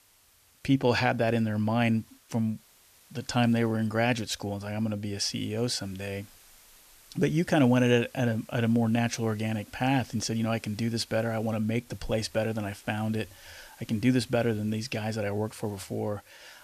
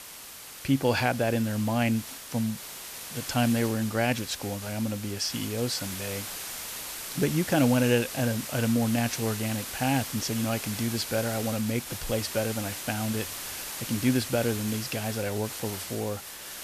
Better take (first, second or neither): first